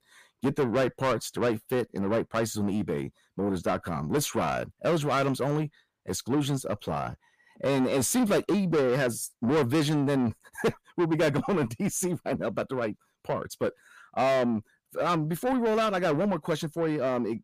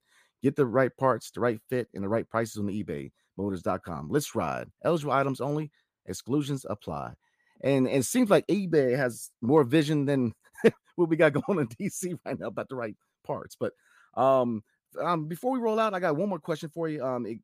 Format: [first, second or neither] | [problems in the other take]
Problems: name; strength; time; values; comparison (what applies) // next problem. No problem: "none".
second | distortion; heavy; 6 dB below the speech